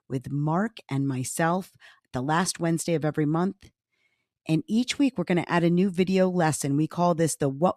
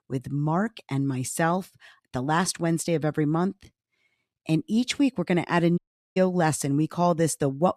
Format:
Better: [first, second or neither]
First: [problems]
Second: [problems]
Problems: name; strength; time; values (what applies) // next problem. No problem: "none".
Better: first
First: none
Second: audio cutting out; at 6 s